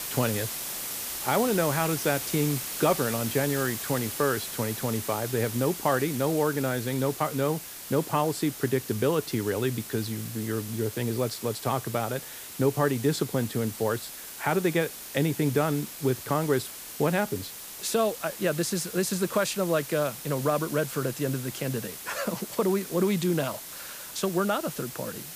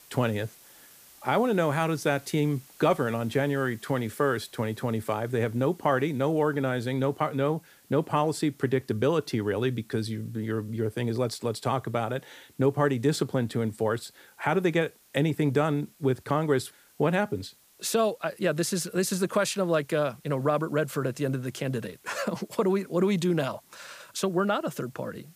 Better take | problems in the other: second | hiss; loud; throughout; 8 dB below the speech; faint in the second

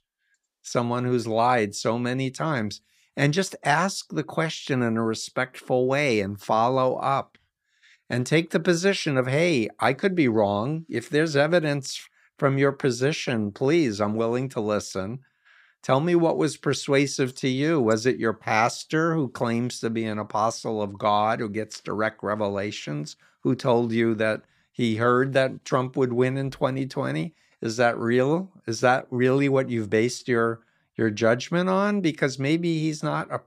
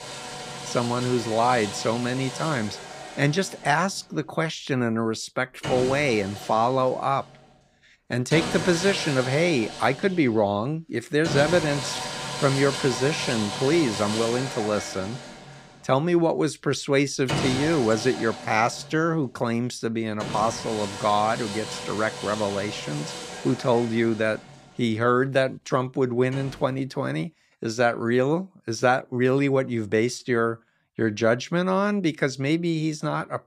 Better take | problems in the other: first | machinery noise; loud; until 26 s; 8 dB below the speech

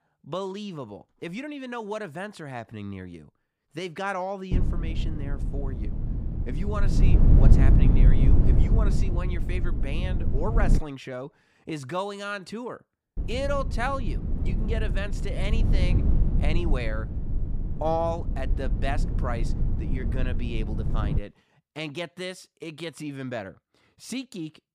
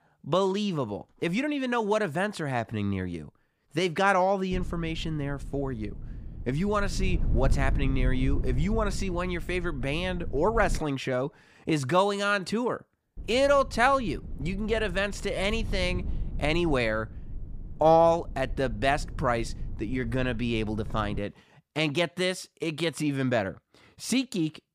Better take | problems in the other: second | low rumble; loud; from 4.5 to 11 s and from 13 to 21 s; 5 dB below the speech; faint in the second

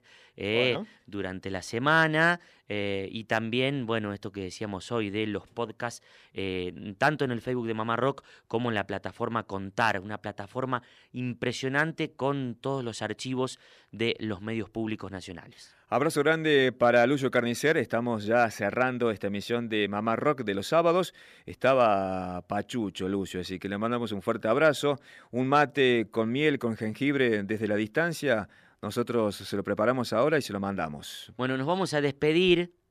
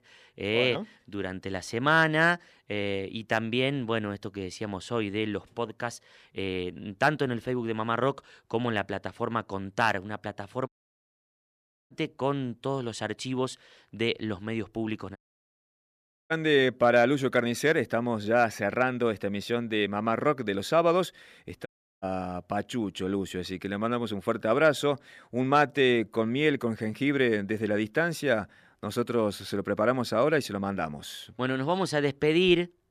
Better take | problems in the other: first | audio cutting out; at 11 s for 1 s, at 15 s for 1 s and at 22 s

